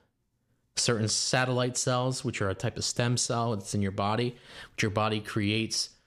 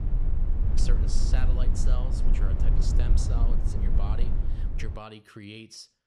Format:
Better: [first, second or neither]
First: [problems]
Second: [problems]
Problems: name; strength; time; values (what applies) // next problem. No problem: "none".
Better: first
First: none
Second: low rumble; loud; until 5 s; 2 dB below the speech